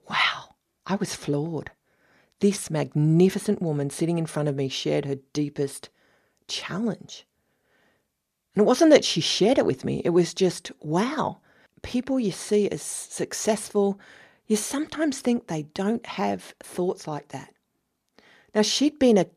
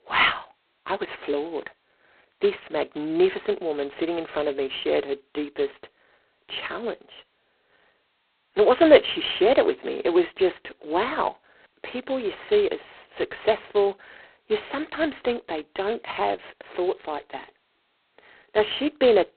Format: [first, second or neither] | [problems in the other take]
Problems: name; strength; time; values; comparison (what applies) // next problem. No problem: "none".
first | phone-call audio; poor line